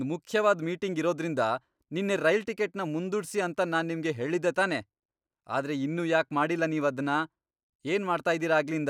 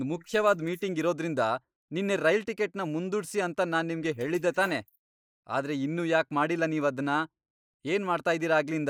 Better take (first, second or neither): first